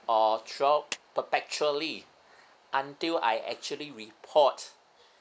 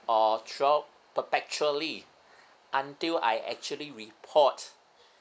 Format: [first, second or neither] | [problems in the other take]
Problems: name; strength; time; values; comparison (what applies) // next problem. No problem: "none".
second | background sound (Clapping); 16 dB below the speech